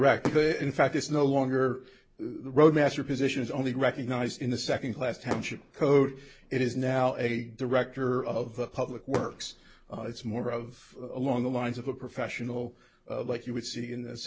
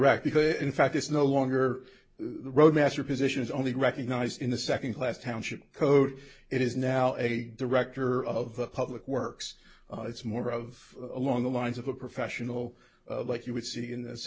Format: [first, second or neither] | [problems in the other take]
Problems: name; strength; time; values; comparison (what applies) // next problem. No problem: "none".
second | background sound (Fireworks); 16 dB below the speech